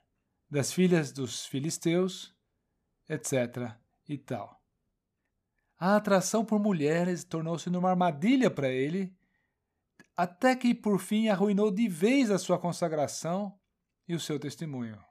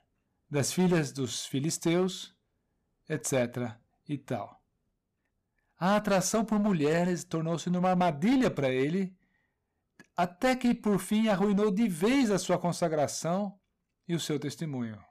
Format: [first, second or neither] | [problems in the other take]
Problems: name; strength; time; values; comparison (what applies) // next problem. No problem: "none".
first | distortion; slight; 7% of the sound clipped